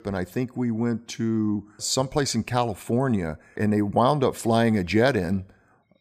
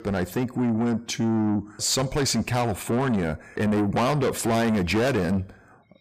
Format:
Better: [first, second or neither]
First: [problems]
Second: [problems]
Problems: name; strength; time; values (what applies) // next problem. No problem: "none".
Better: first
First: none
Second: distortion; heavy; 6 dB below the speech